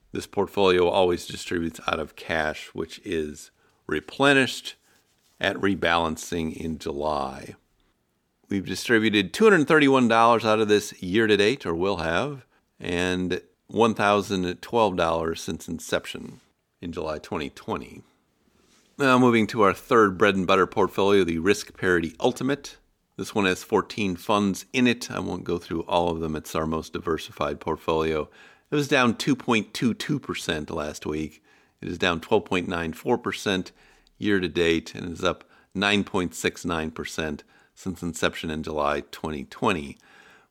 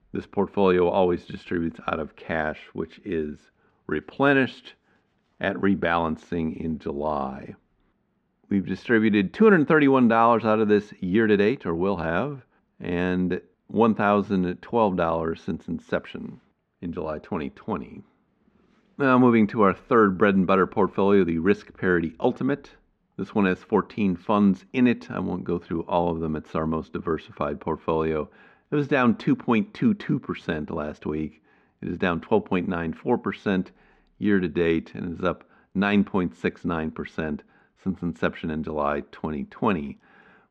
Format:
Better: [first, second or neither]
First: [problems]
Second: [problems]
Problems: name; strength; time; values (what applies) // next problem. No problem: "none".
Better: first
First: none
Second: muffled; very; fading above 2 kHz